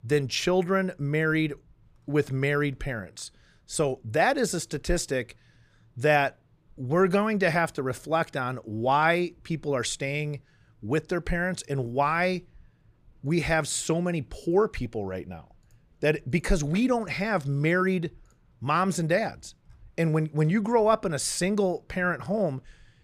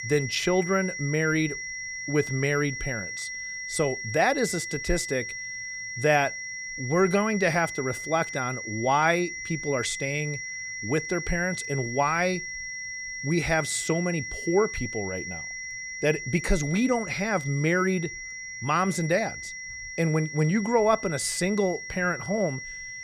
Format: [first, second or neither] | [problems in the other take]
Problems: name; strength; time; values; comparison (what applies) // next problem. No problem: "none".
first | high-pitched whine; loud; throughout; 2 kHz, 7 dB below the speech